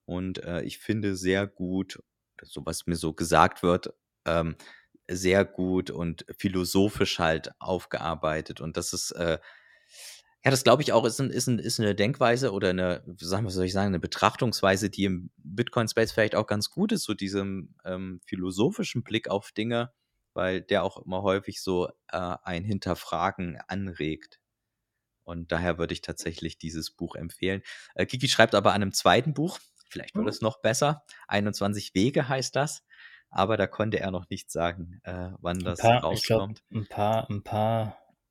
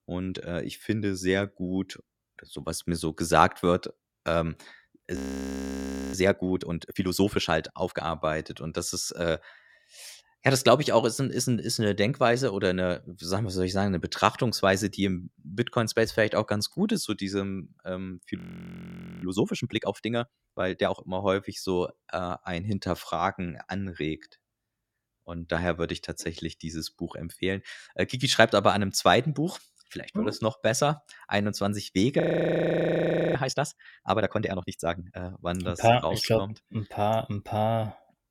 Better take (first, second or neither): first